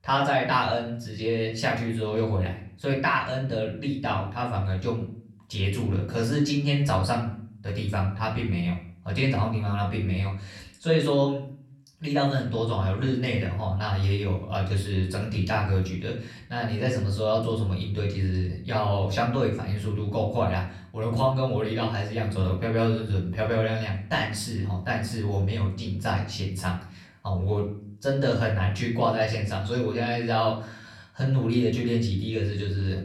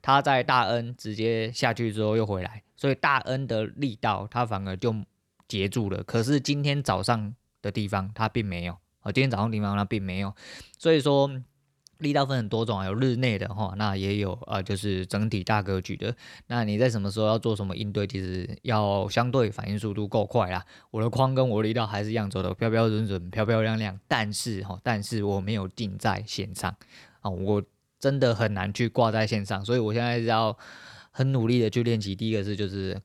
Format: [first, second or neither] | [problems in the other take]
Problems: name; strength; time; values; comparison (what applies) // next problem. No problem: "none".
second | off-mic speech; far // room echo; slight; dies away in 0.5 s